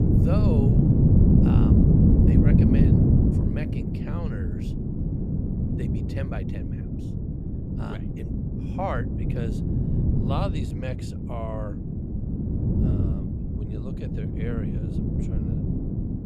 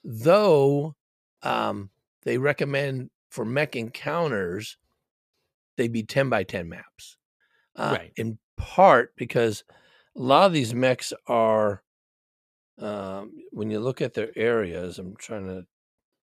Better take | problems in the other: second | wind noise on the microphone; heavy; 4 dB above the speech

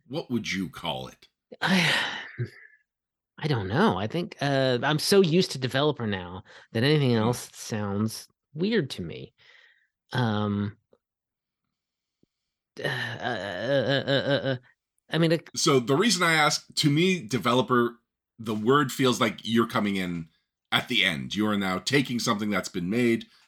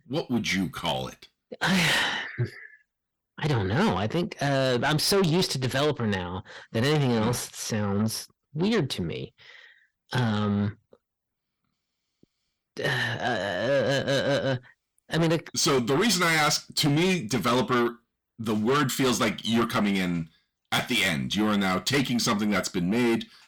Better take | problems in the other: first | distortion; heavy; 7 dB below the speech

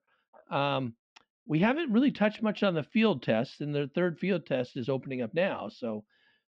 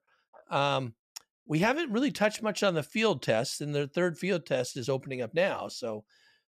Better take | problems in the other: second | muffled; slightly; fading above 3.5 kHz

